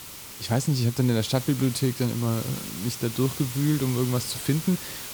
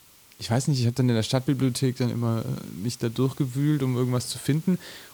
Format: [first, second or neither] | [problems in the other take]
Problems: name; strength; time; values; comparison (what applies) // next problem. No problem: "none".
second | hiss; loud; throughout; 9 dB below the speech; faint in the second